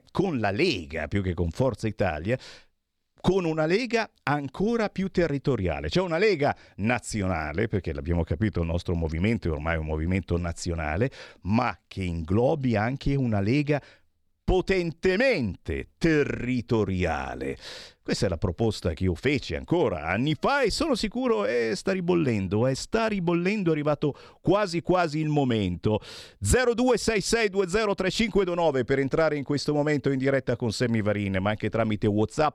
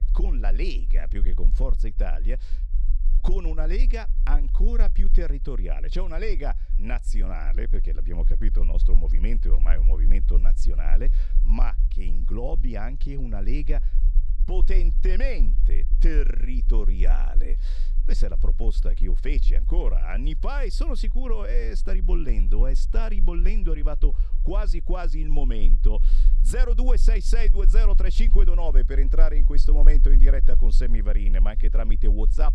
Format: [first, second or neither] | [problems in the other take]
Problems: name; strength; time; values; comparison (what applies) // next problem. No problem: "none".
first | low rumble; noticeable; throughout; 15 dB below the speech